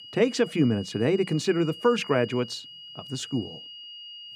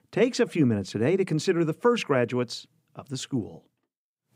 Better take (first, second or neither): second